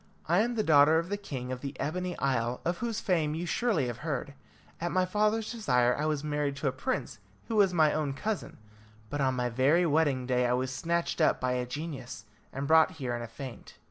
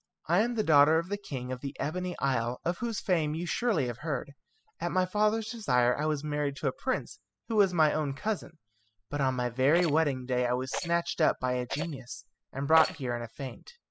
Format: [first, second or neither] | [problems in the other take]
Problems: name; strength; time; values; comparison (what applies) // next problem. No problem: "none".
first | noise reduction (classical method spectral subtraction)